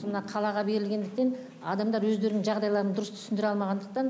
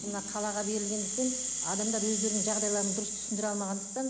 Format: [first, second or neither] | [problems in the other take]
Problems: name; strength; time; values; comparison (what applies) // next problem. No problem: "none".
first | background sound (Rattle (instrument)); as loud as the speech